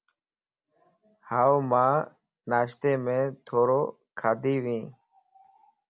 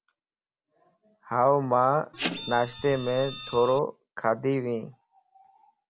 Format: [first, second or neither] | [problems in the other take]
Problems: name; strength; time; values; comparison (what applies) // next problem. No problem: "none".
first | background sound (Printer); 9 dB below the speech